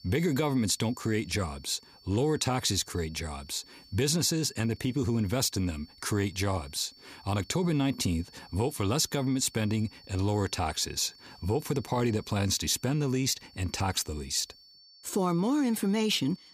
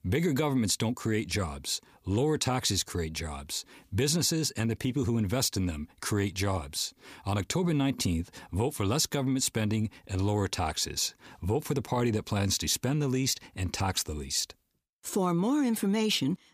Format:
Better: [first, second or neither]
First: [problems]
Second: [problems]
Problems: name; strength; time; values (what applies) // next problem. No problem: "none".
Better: second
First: high-pitched whine; faint; throughout; 4.5 kHz, 25 dB below the speech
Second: none